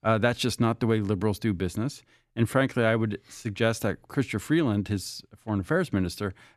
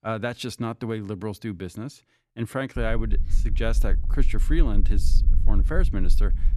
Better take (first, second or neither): first